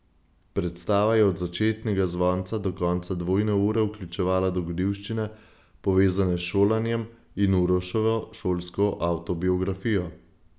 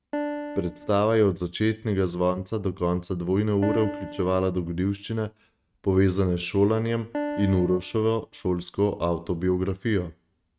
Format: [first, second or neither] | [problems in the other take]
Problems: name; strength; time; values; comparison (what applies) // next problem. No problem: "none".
first | noise reduction (neural mask model RNNoise)